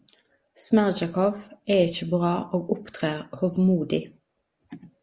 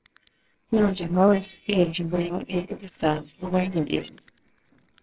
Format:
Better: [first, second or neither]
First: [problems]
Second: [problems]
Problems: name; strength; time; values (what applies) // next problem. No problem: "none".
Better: first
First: none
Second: noise reduction (neural separator model SepFormer WHAMR!)